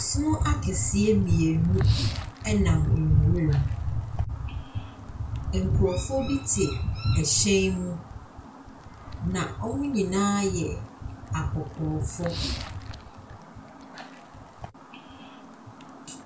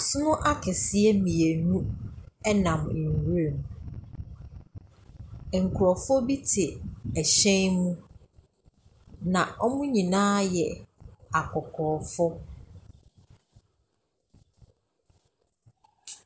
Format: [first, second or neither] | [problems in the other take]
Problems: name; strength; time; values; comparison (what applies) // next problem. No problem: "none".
second | background sound (Chirp, tweet); 17 dB below the speech // room echo; dies away in 0.2 s